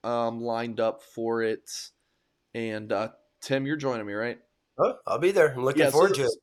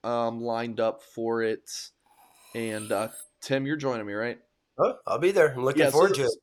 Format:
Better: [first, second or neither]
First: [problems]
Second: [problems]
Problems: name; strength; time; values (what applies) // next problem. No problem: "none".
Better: first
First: none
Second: clattering dishes; faint; from 2 to 3.5 s; peak 15 dB below the speech